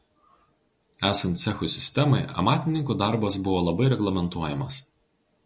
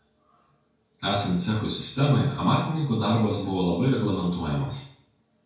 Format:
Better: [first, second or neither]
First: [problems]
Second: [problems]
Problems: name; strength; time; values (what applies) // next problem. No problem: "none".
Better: first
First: none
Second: room echo; dies away in 0.5 s